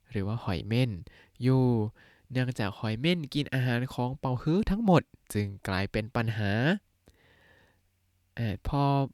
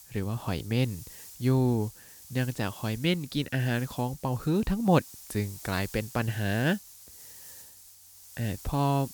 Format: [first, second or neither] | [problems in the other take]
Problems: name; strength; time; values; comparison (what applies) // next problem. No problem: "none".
first | hiss; noticeable; throughout; 15 dB below the speech